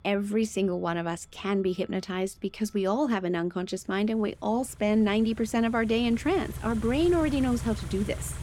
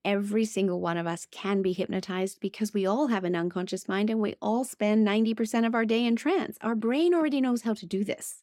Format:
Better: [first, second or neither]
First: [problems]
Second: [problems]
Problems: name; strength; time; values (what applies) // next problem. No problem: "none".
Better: second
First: traffic noise; noticeable; throughout; 10 dB below the speech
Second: none